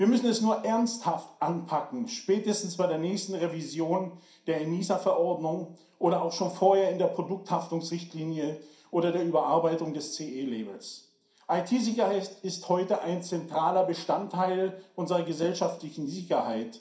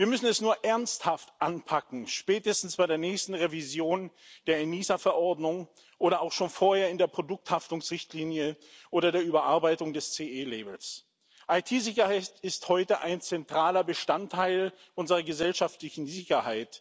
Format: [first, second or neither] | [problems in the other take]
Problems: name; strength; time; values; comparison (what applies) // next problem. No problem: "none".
second | room echo; dies away in 0.5 s